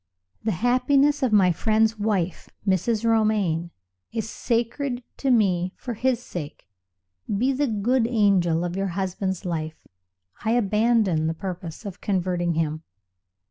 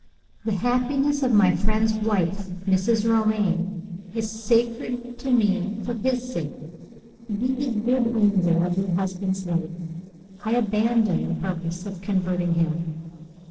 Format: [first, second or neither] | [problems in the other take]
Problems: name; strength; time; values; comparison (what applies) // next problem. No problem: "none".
first | noise reduction (neural separator model SepFormer DNS4)